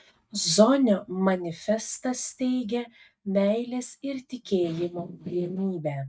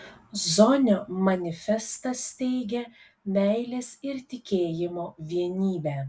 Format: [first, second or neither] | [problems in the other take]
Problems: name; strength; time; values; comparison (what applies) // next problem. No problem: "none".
second | noise reduction (neural mask model DeepFilterNet 3)